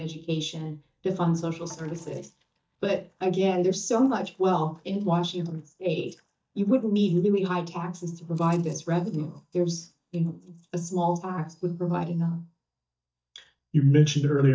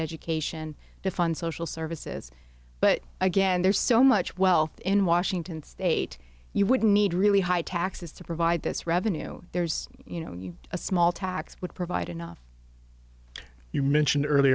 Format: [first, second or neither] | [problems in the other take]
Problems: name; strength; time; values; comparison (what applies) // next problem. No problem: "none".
second | noise reduction (neural mask model DeepFilterNet 3)